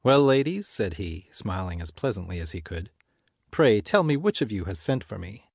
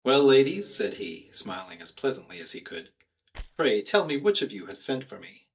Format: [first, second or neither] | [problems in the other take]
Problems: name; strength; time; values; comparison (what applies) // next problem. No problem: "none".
first | noise reduction (neural mask model DeepFilterNet 3)